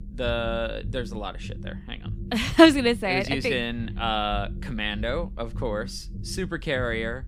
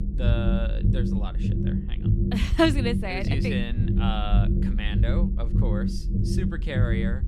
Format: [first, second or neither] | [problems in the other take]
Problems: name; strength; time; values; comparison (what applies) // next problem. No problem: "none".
first | low rumble; loud; throughout; 5 dB below the speech; faint in the first